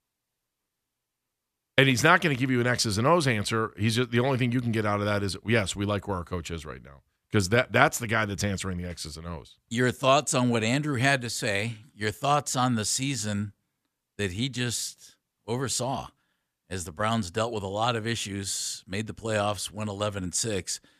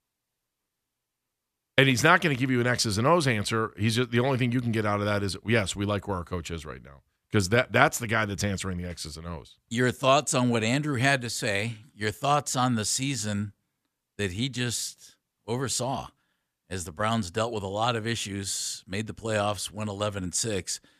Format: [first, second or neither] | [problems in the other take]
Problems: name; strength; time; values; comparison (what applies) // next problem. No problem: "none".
neither | none